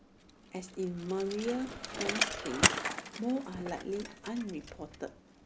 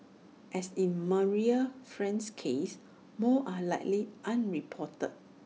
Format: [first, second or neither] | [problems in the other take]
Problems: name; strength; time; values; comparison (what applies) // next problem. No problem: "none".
second | background sound (Bicycle); 1 dB above the speech